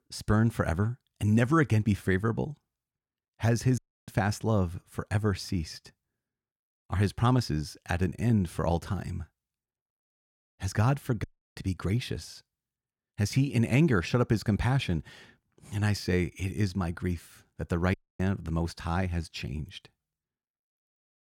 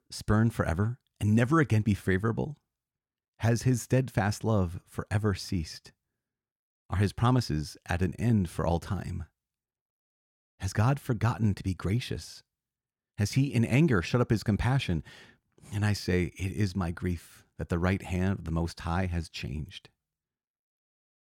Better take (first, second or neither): second